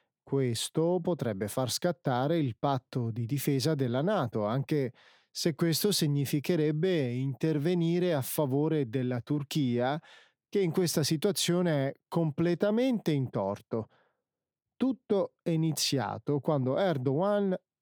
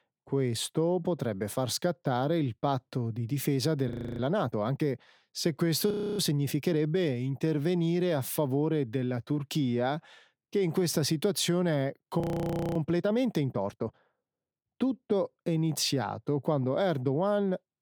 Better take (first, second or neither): first